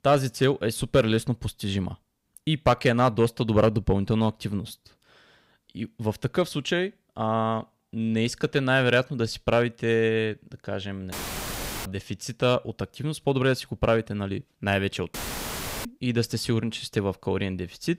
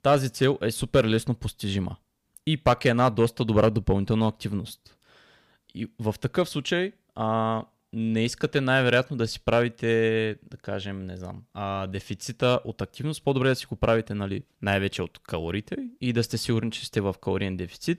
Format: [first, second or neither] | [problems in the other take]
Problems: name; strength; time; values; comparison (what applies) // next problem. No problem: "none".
second | audio cutting out; filled with static; at 11 s for 0.5 s and at 15 s for 0.5 s